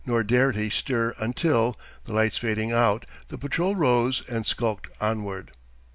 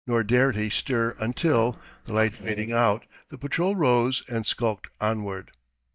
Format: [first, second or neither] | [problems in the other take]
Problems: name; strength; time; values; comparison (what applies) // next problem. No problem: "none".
first | noise reduction (neural mask model DeepFilterNet 3)